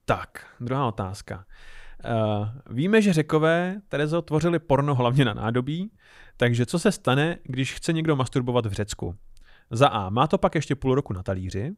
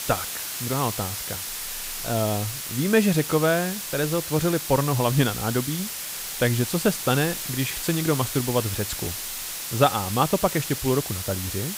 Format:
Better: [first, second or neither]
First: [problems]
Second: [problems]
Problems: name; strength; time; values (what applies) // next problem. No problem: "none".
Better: first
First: none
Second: hiss; loud; throughout; 5 dB below the speech